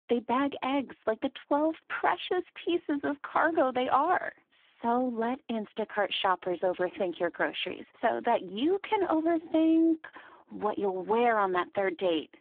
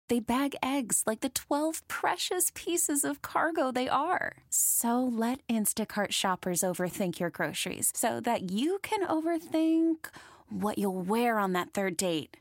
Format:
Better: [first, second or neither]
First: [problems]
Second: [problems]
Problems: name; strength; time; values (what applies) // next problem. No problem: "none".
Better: second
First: phone-call audio; poor line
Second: none